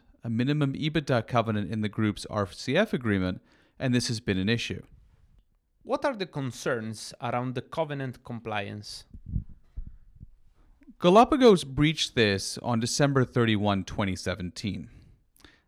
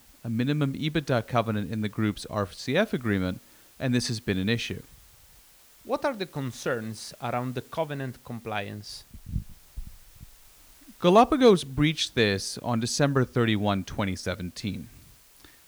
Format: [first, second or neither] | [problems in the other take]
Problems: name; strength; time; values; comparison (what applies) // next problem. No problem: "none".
first | hiss; faint; throughout; 25 dB below the speech